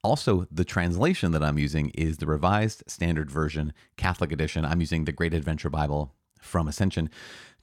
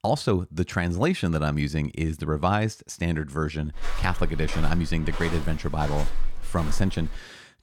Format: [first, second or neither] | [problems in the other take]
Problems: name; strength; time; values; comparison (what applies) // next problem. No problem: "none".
first | footsteps; noticeable; from 3.5 s on; peak 8 dB below the speech